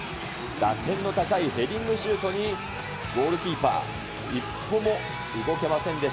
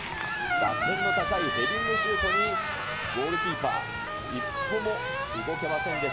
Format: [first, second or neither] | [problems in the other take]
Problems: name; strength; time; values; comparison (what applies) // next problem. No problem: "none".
first | background sound (Squeak); 2 dB above the speech